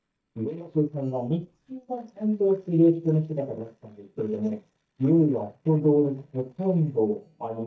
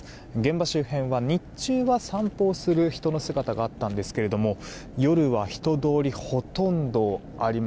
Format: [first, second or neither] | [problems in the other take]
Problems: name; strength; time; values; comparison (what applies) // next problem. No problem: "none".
second | noise reduction (neural mask model DeepFilterNet 3)